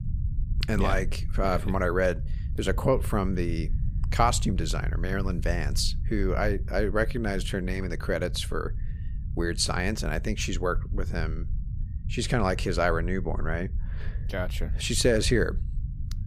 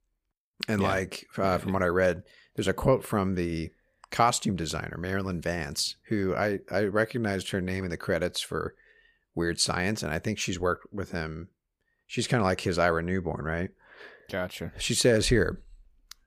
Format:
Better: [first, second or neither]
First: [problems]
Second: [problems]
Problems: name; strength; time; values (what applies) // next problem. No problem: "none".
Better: second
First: low rumble; faint; throughout; 20 dB below the speech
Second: none